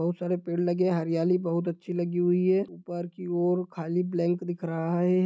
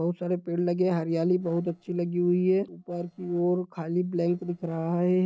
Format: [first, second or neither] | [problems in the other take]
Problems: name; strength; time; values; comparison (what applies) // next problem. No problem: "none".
first | noise reduction (neural separator model SepFormer DNS4)